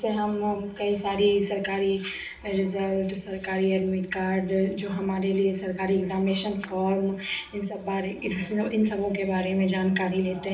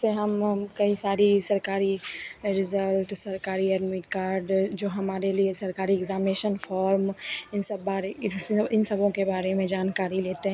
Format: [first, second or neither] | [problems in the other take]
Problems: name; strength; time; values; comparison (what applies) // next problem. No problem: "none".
second | room echo; dies away in 0.4 s